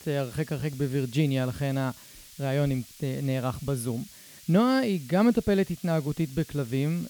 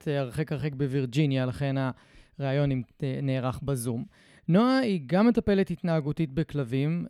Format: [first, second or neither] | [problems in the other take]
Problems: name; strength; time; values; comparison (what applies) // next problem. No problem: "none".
second | hiss; noticeable; throughout; 20 dB below the speech